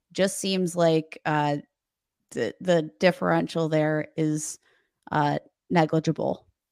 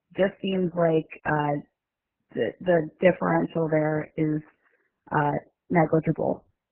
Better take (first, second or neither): first